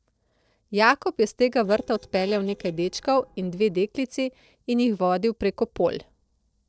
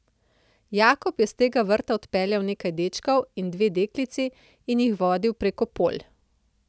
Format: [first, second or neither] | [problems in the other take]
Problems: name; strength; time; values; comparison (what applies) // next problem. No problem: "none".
second | noise reduction (neural separator model SepFormer DNS4)